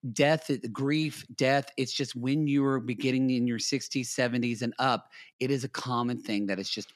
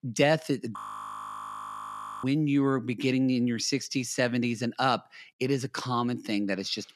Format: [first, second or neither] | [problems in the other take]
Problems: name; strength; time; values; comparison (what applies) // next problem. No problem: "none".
first | audio freezing; at 1 s for 1.5 s